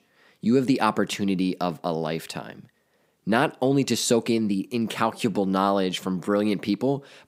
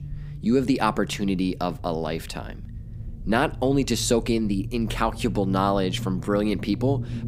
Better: first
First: none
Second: low rumble; faint; throughout; 20 dB below the speech

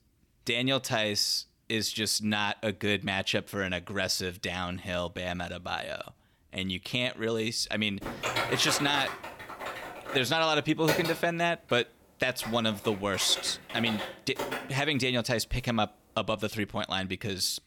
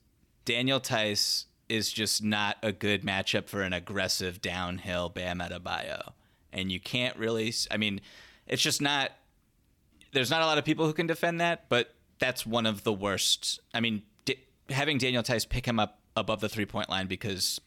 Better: second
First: keyboard typing; noticeable; from 8 to 15 s; peak level with the speech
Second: none

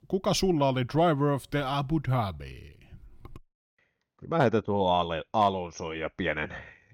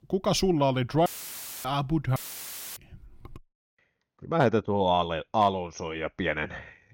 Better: first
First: none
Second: audio cutting out; filled with static; at 1 s for 0.5 s and at 2 s for 0.5 s

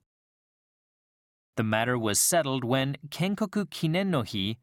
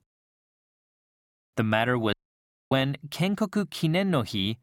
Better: first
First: none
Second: audio cutting out; at 2 s for 0.5 s

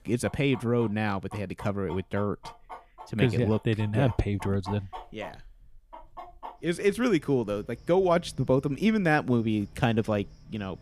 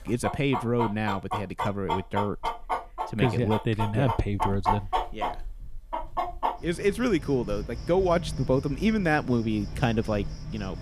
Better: first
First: animal sounds; faint; throughout; 20 dB below the speech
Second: animal sounds; loud; throughout; 6 dB below the speech

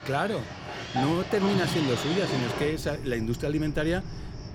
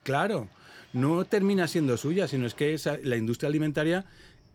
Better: second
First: animal sounds; loud; throughout; 5 dB below the speech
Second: animal sounds; faint; throughout; 25 dB below the speech

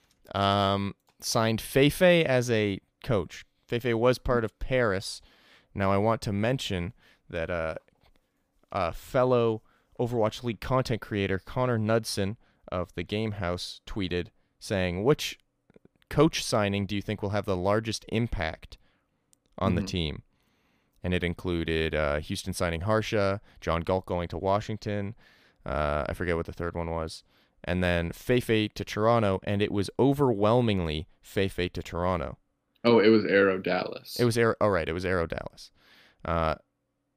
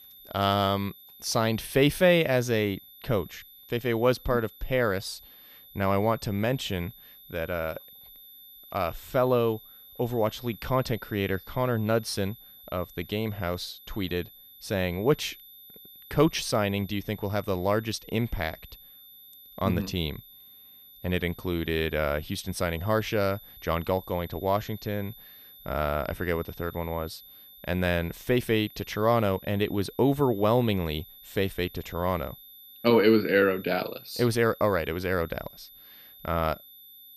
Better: first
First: none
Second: high-pitched whine; noticeable; throughout; 12 kHz, 20 dB below the speech

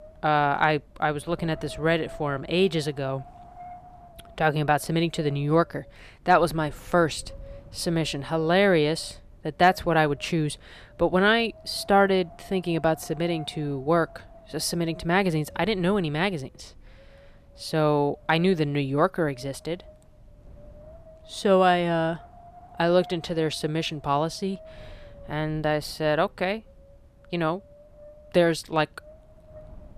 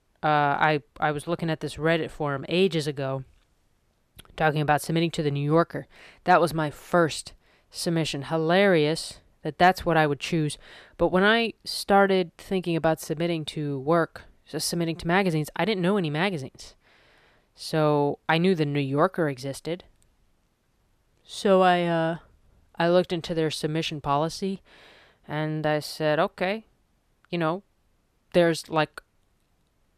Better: second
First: wind noise on the microphone; occasional gusts; 25 dB below the speech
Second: none

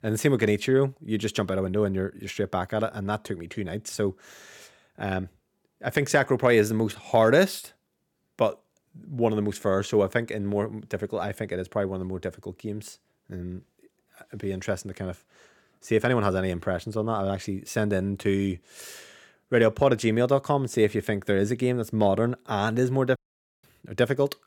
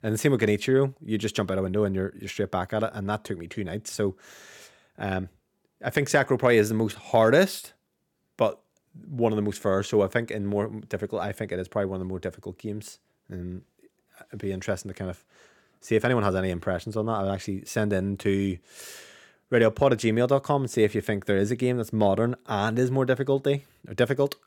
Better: second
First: audio cutting out; at 23 s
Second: none

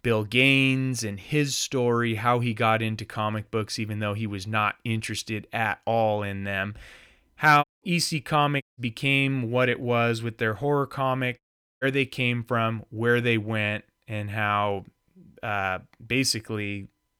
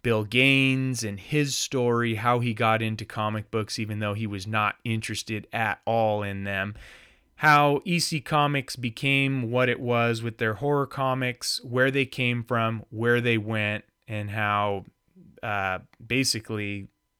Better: second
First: audio cutting out; at 7.5 s, at 8.5 s and at 11 s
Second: none

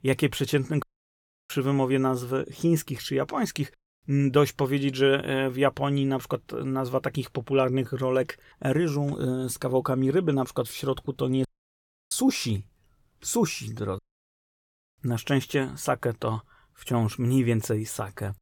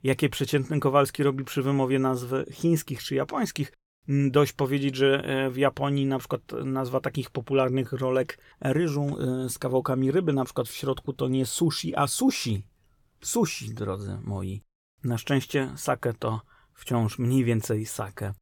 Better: second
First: audio cutting out; at 1 s for 0.5 s, at 11 s for 0.5 s and at 14 s for 1 s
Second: none

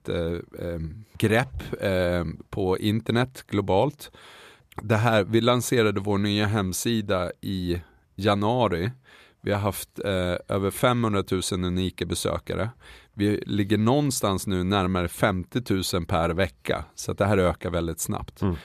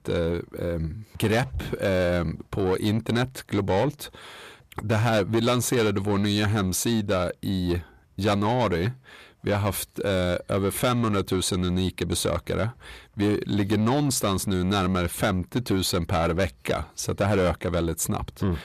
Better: first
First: none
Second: distortion; slight; 10 dB below the speech

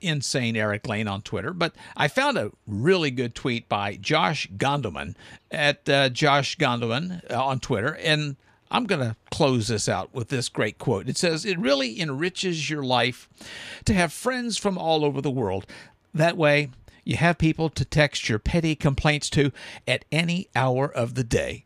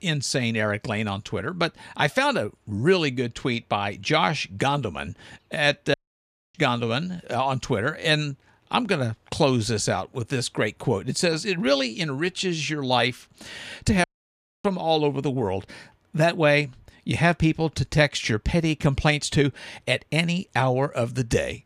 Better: first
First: none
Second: audio cutting out; at 6 s for 0.5 s and at 14 s for 0.5 s

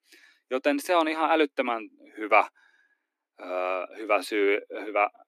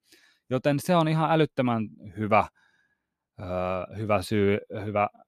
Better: second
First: thin; somewhat; fading below 250 Hz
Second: none

